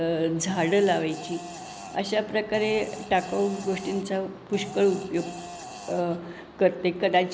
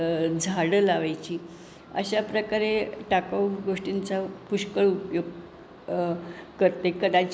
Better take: second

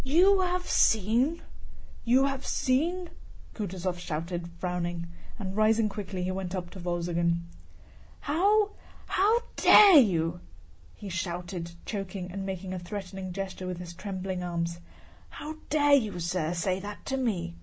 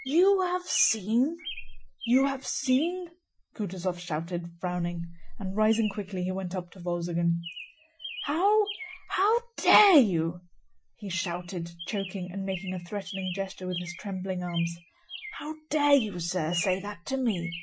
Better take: first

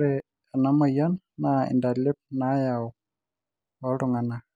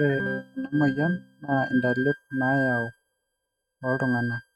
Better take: first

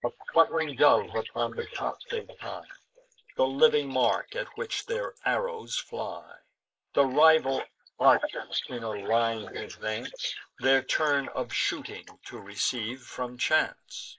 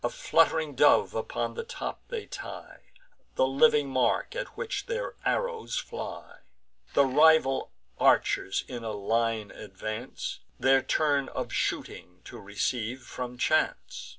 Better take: second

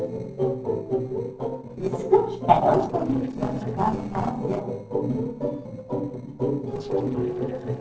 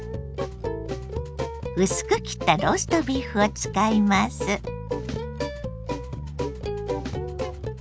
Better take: second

